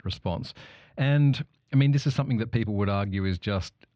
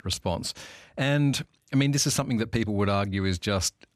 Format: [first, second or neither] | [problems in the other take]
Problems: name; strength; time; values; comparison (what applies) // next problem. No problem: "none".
second | muffled; slightly; fading above 4 kHz